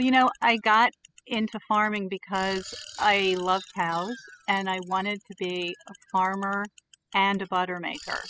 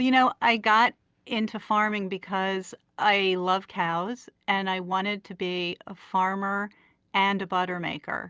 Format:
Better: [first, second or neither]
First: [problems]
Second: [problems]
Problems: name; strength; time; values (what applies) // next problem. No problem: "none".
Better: second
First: noise reduction (classical method spectral subtraction)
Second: none